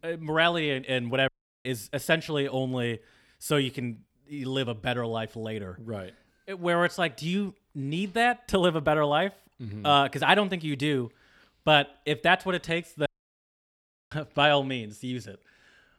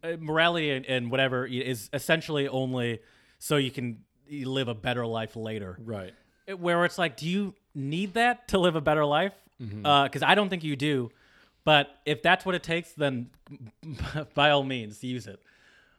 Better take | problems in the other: second | audio cutting out; at 1.5 s and at 13 s for 1 s

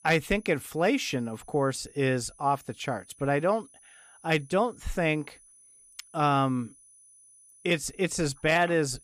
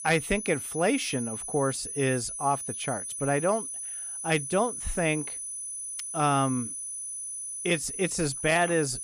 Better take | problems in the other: first | high-pitched whine; loud; throughout; 10 kHz, 5 dB below the speech; faint in the first

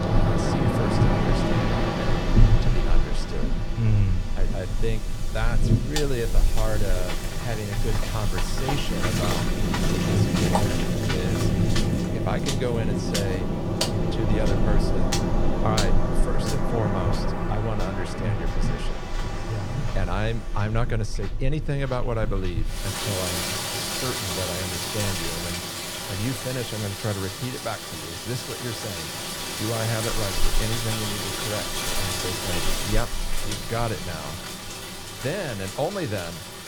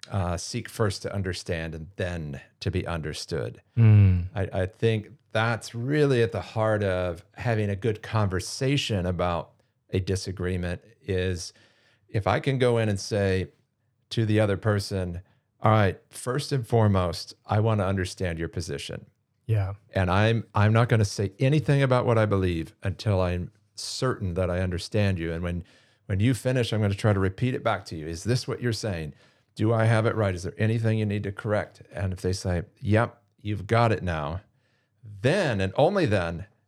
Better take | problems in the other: second | rain or running water; very loud; throughout; 4 dB above the speech

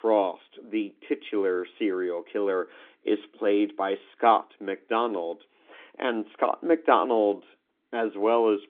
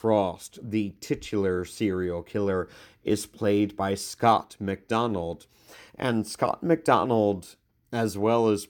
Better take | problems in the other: second | phone-call audio; nothing above 3.5 kHz

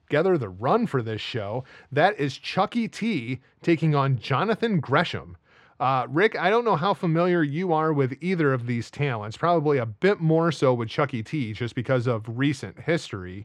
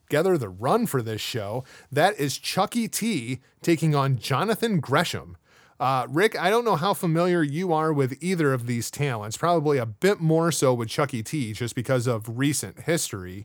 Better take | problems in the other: second | muffled; slightly; fading above 3 kHz

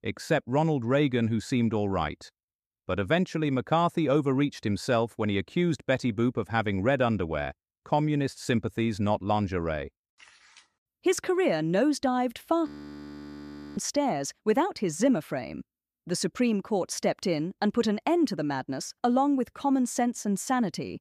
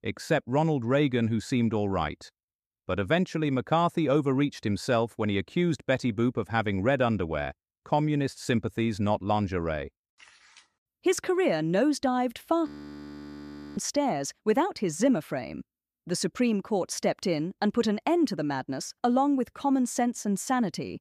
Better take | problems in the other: neither | audio freezing; at 13 s for 1 s; the same in both

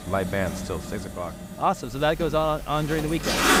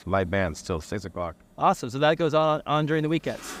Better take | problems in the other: second | household noises; loud; throughout; 3 dB below the speech; faint in the second

